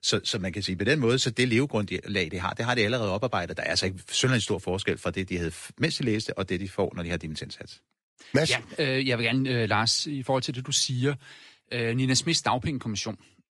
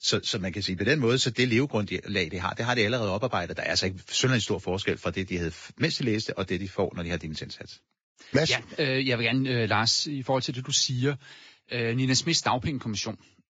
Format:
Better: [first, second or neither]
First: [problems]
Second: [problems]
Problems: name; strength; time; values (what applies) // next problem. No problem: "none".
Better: first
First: garbled, watery; slightly; nothing above 10.5 kHz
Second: garbled, watery; badly; nothing above 7.5 kHz